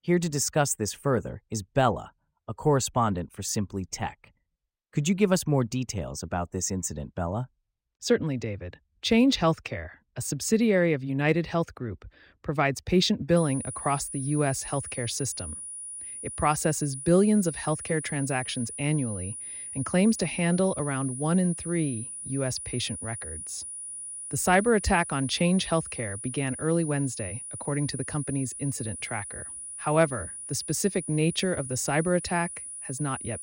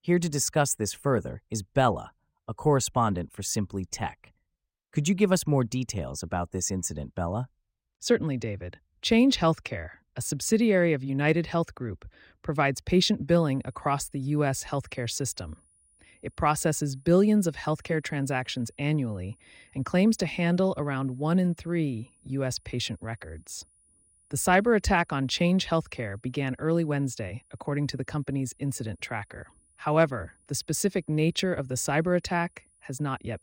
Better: second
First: high-pitched whine; loud; from 13 s on; 9.5 kHz, 8 dB below the speech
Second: high-pitched whine; faint; from 13 s on; 9.5 kHz, 35 dB below the speech

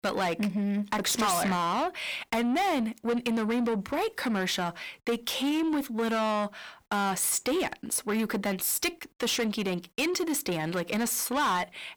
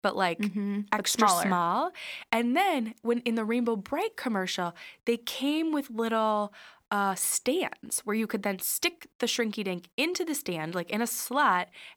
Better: second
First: distortion; heavy; 8 dB below the speech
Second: none

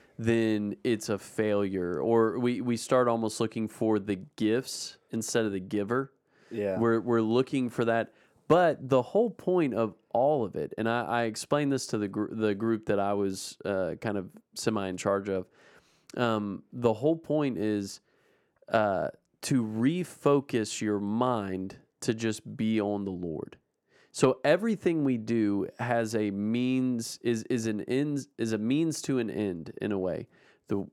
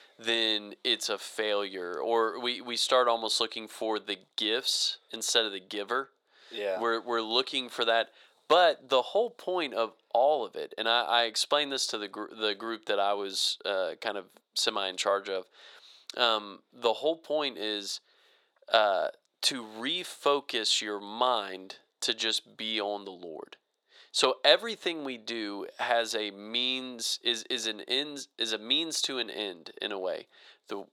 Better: first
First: none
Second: thin; very; fading below 700 Hz

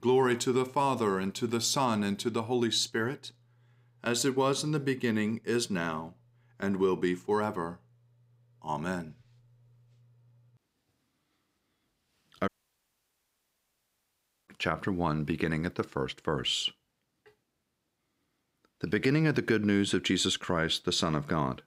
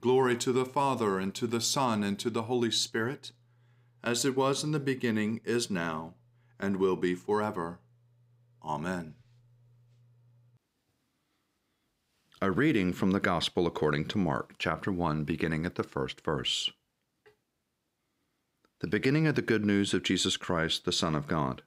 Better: second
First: audio cutting out; at 12 s for 2 s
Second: none

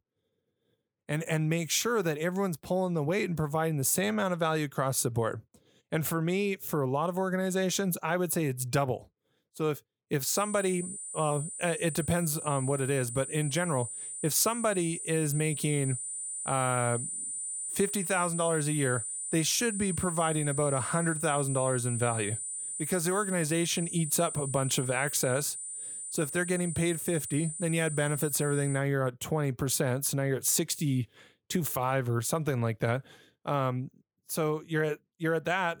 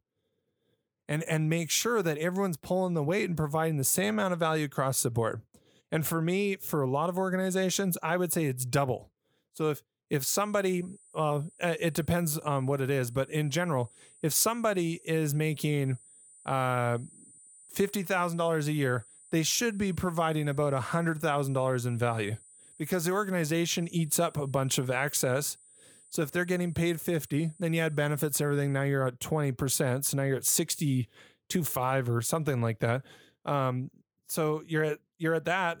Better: second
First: high-pitched whine; loud; from 10 to 29 s; 9 kHz, 5 dB below the speech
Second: high-pitched whine; faint; from 10 to 29 s; 9 kHz, 25 dB below the speech

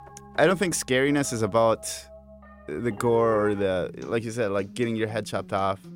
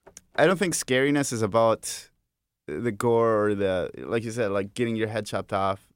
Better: second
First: background music; noticeable; throughout; 20 dB below the speech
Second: none

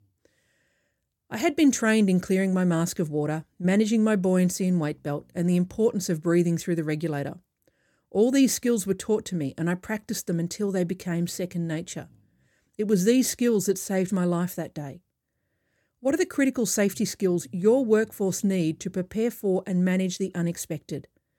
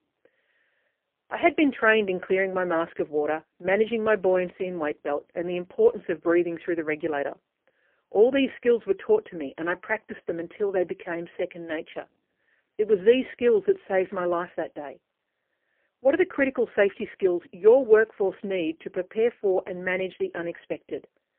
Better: first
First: none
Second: phone-call audio; poor line; nothing above 3 kHz

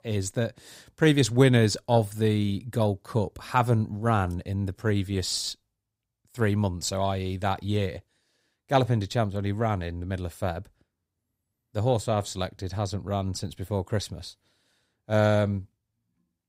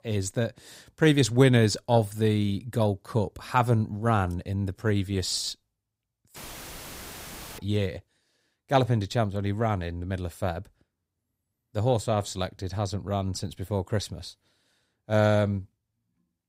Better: first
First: none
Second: audio cutting out; filled with static; at 6.5 s for 1 s

